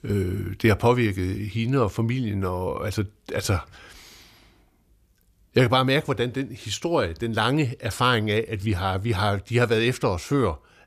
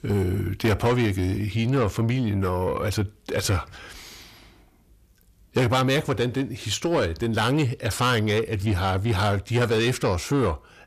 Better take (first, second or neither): first